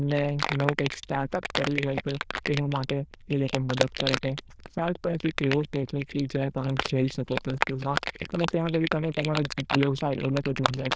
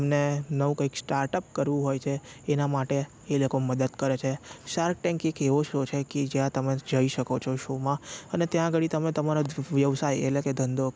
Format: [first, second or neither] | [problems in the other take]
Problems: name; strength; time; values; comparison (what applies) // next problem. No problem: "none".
second | noise reduction (neural diffusion model UNIVERSE++)